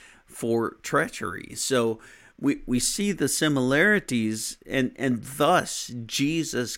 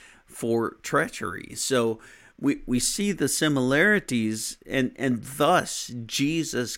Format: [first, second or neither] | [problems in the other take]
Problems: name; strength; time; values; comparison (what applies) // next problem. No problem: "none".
neither | none